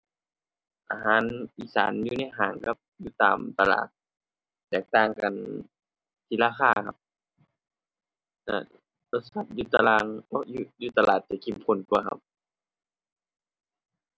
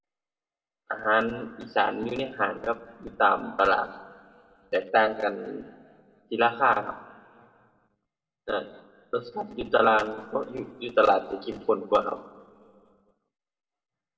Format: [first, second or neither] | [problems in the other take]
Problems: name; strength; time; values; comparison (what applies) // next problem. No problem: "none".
first | room echo; dies away in 1.3 s